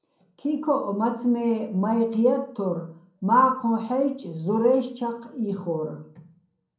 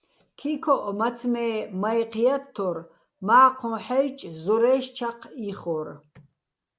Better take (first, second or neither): second